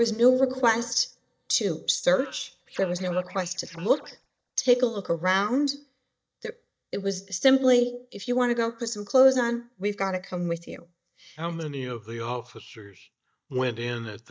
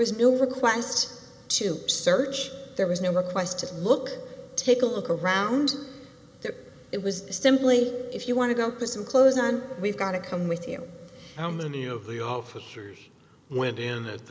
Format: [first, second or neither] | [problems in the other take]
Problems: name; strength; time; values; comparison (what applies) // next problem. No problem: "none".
second | noise reduction (neural mask model DeepFilterNet 3)